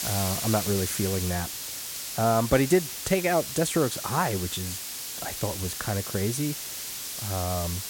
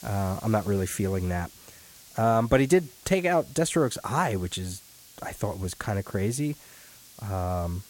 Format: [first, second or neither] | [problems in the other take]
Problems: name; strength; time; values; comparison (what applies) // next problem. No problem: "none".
second | hiss; loud; throughout; 5 dB below the speech; faint in the second